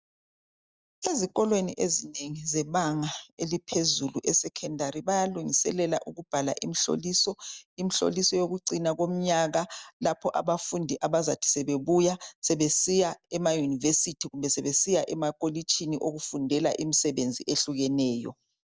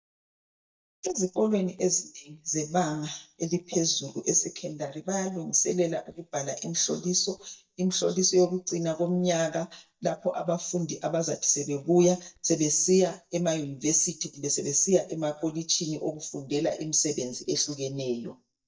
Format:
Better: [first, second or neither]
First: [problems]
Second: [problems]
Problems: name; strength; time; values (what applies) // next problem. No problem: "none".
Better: first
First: none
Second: noise reduction (neural mask model DeepFilterNet 3)